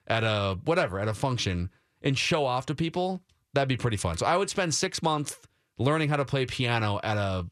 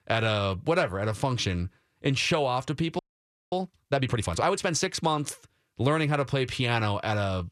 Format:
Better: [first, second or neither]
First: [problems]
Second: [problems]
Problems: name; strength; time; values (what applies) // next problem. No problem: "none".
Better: first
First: none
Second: audio freezing; at 3 s for 0.5 s